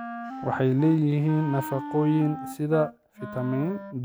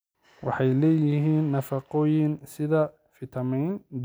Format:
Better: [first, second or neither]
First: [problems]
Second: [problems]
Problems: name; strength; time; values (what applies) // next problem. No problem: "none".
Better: second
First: background sound (Wind instrument, woodwind instrument); 12 dB below the speech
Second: none